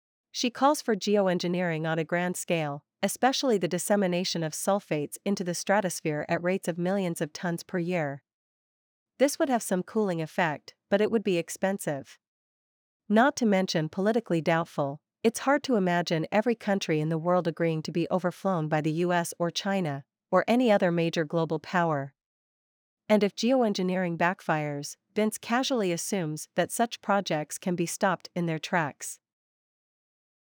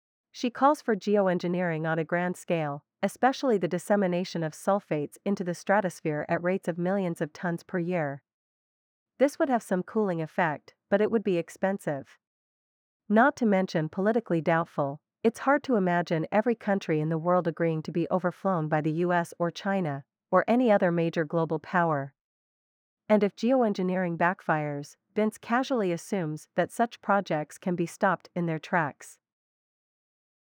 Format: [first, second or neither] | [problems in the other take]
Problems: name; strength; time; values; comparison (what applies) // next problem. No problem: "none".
first | muffled; slightly; fading above 2.5 kHz